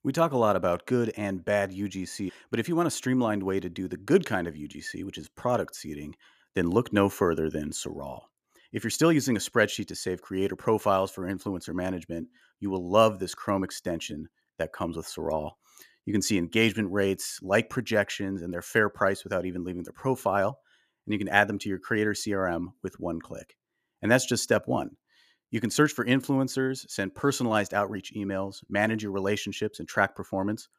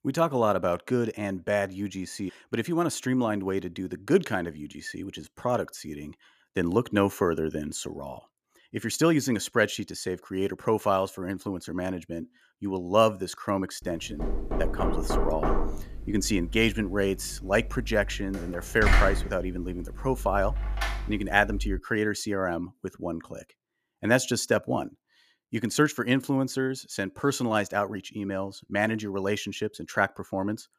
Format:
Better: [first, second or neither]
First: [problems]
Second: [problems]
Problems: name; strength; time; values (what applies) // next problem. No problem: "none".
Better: first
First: none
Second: door banging; loud; from 14 to 22 s; peak 4 dB above the speech